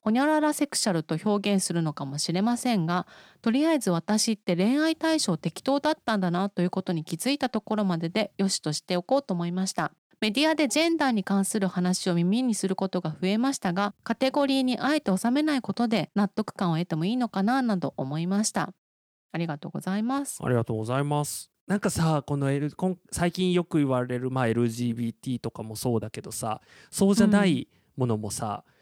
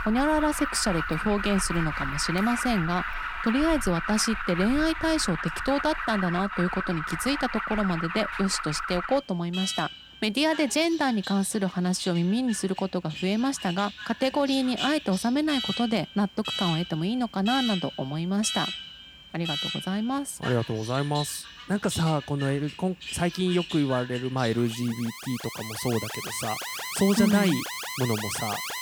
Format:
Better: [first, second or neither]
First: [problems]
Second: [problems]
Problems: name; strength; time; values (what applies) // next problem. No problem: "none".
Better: first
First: none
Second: alarms or sirens; loud; throughout; 6 dB below the speech